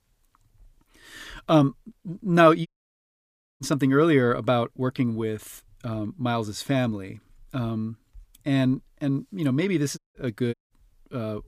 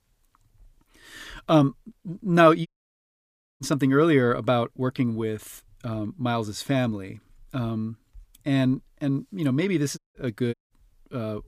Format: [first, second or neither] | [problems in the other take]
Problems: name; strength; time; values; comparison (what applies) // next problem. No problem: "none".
neither | audio cutting out; at 2.5 s for 1 s, at 10 s and at 11 s; the same in both